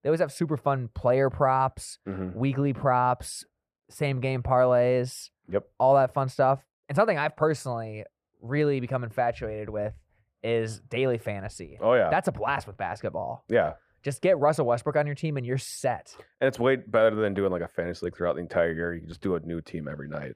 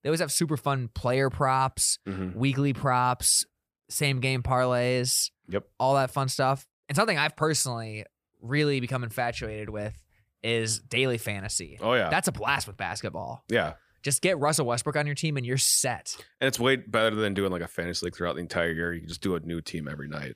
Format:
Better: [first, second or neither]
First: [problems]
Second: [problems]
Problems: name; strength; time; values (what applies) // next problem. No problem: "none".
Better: second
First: muffled; very; fading above 2.5 kHz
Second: none